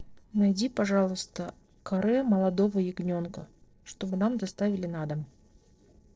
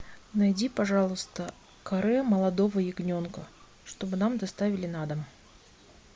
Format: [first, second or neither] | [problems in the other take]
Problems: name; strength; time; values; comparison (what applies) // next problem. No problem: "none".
second | noise reduction (neural separator model SepFormer DNS4)